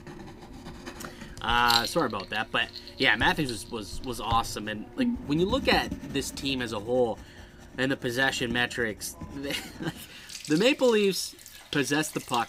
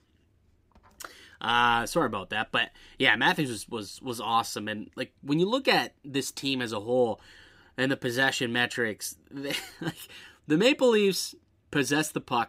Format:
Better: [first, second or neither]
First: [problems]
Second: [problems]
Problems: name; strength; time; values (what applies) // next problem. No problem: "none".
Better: second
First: household noises; loud; throughout; 9 dB below the speech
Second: none